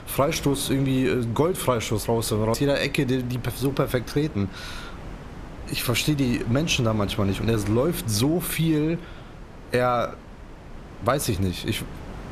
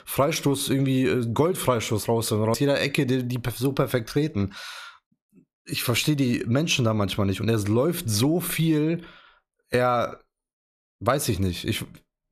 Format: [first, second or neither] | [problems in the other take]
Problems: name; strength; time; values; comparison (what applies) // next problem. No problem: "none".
second | wind noise on the microphone; occasional gusts; 15 dB below the speech